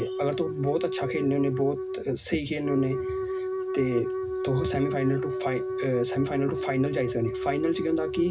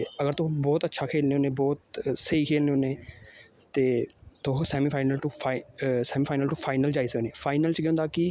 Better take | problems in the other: second | background sound (Wind instrument, woodwind instrument); 3 dB below the speech // room echo; dies away in 0.4 s

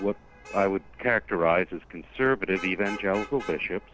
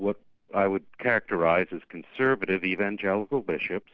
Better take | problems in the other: second | background sound (Traffic noise, roadway noise / Vehicle horn, car horn, honking); 17 dB below the speech

